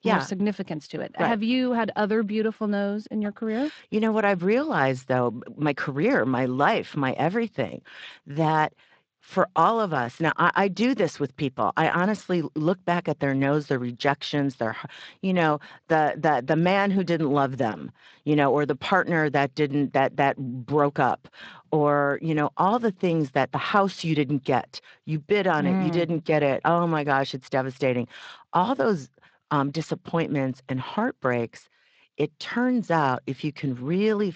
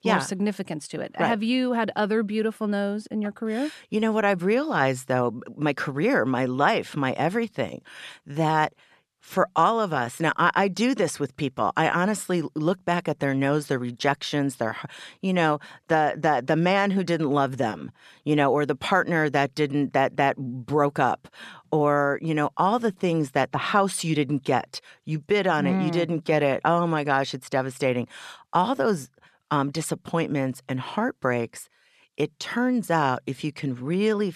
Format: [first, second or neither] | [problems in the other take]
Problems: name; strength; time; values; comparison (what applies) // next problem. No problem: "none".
second | garbled, watery; slightly; nothing above 7.5 kHz